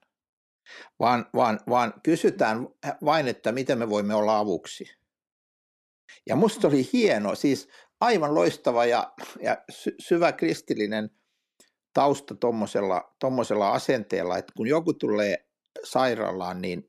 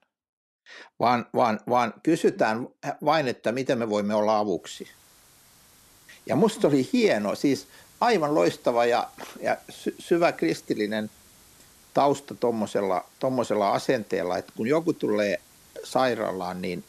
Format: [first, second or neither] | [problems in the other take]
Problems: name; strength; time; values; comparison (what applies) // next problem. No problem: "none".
first | hiss; faint; from 4.5 s on; 25 dB below the speech